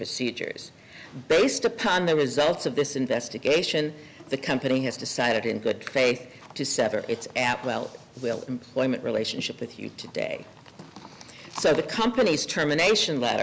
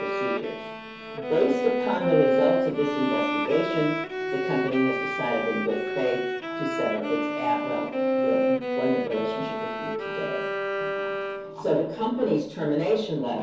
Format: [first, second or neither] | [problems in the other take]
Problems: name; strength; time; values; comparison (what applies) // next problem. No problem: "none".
first | background sound (Bowed string instrument); as loud as the speech // room echo; dies away in 0.6 s